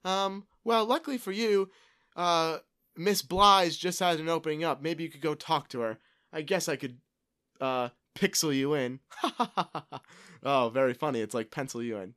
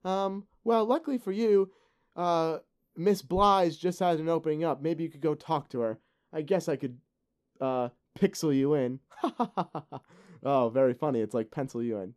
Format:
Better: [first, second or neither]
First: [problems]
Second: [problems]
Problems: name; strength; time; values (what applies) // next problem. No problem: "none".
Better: first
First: none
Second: muffled; slightly; fading above 1 kHz